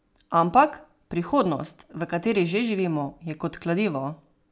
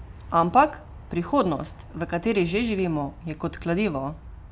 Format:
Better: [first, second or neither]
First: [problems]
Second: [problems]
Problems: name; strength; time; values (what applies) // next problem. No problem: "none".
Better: first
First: none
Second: background sound (Aircraft); 17 dB below the speech